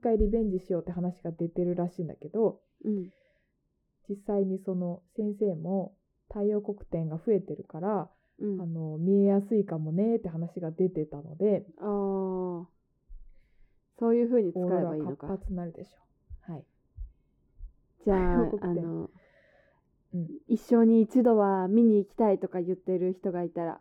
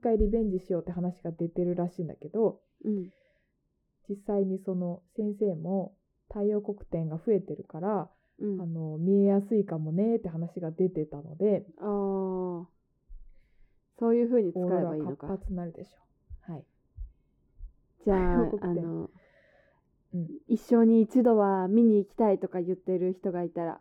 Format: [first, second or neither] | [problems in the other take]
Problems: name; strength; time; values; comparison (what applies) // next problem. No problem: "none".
neither | muffled; very; fading above 1.5 kHz; the same in both